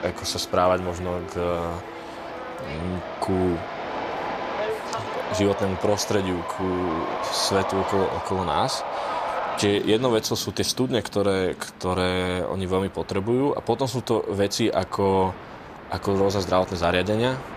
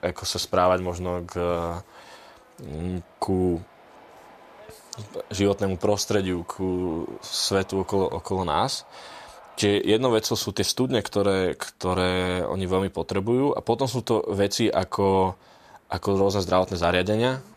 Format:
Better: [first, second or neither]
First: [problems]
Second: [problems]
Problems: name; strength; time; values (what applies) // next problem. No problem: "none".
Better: second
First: train or aircraft noise; loud; throughout; 7 dB below the speech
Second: train or aircraft noise; faint; throughout; 25 dB below the speech